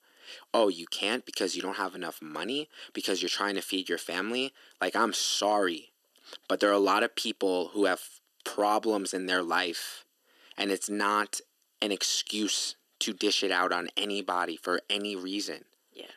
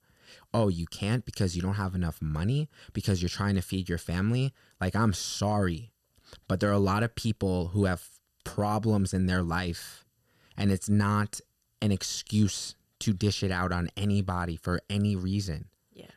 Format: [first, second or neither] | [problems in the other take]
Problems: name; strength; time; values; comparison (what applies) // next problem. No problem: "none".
second | thin; very; fading below 300 Hz